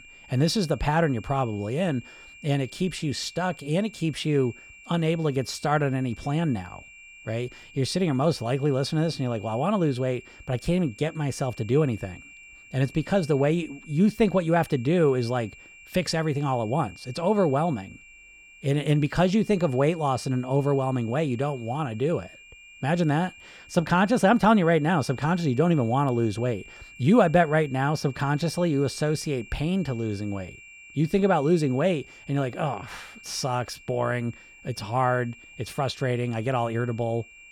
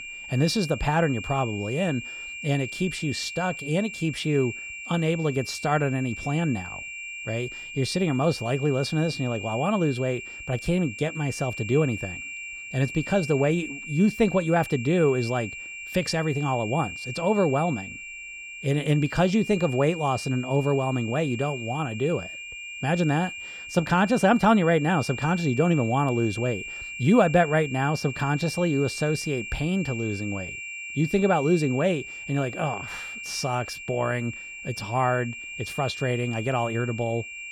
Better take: first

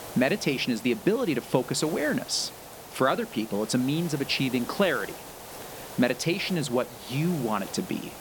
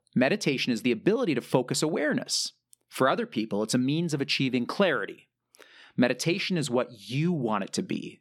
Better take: second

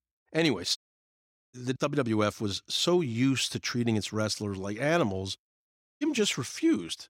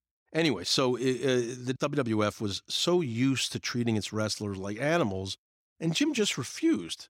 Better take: second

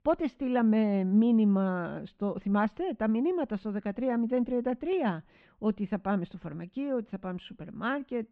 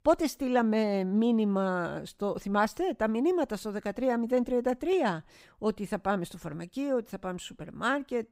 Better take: second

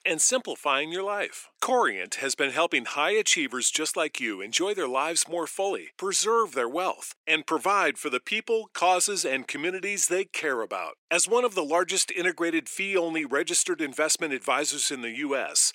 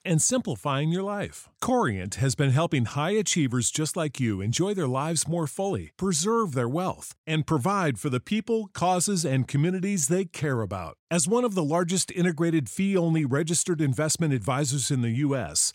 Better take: second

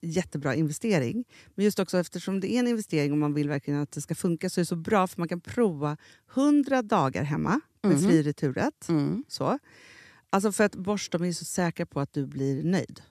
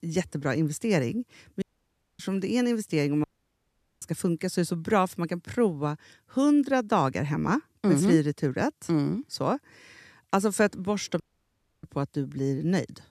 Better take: first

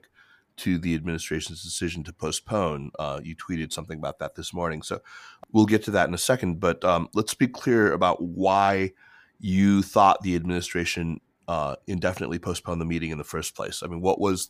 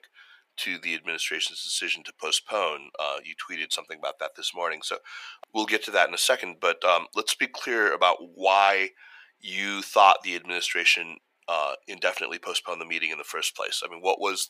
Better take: first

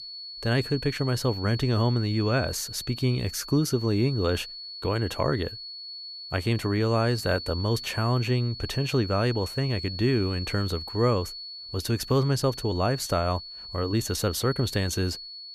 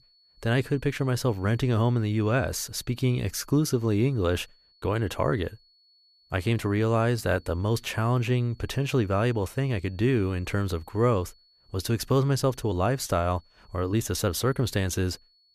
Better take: second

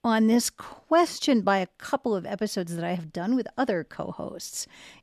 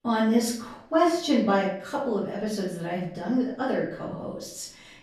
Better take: first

